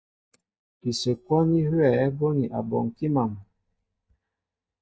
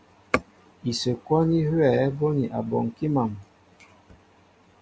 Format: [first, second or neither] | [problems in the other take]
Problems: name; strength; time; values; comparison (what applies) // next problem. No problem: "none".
second | noise reduction (neural mask model DeepFilterNet 3)